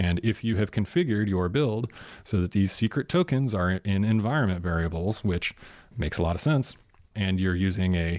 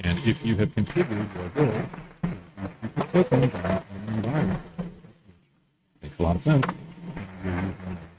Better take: first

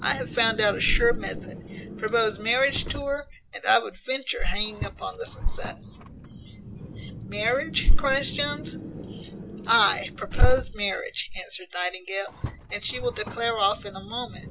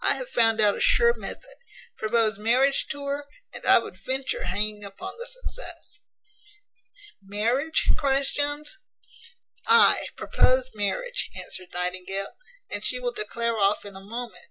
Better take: second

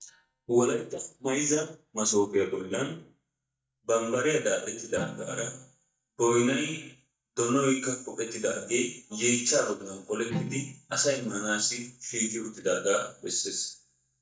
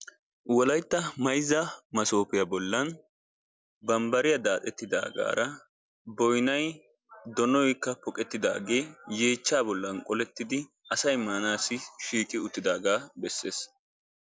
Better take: second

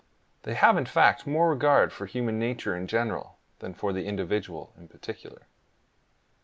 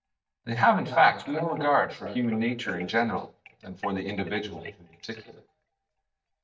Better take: first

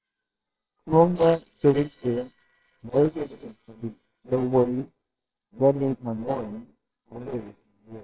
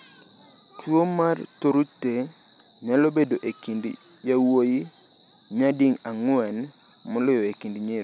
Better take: second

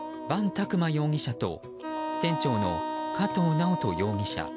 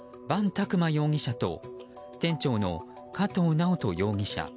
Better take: second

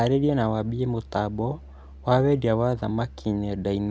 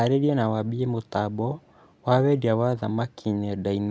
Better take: second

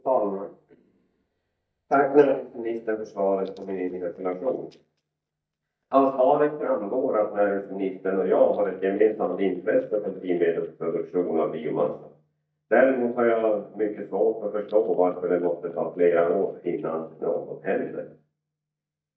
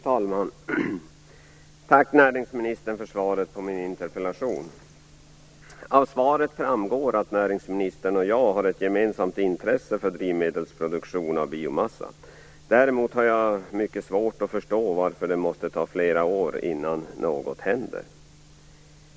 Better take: second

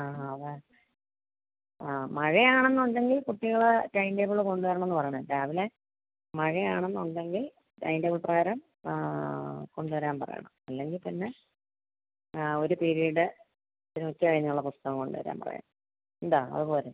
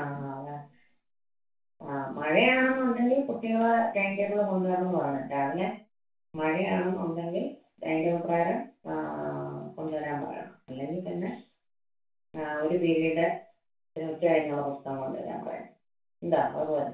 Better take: first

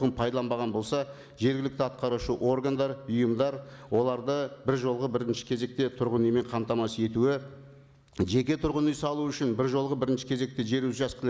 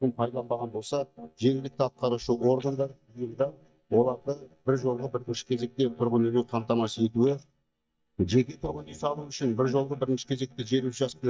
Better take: first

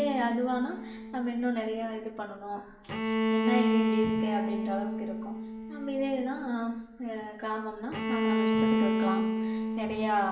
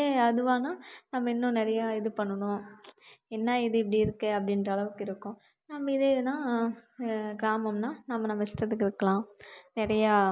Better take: second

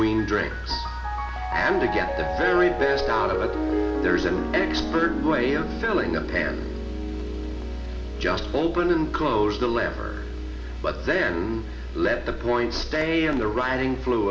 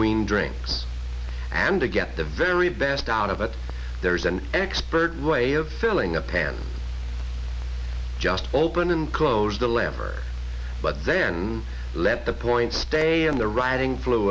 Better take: second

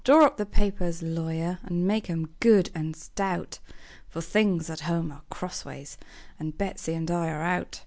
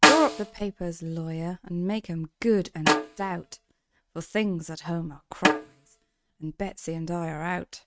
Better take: first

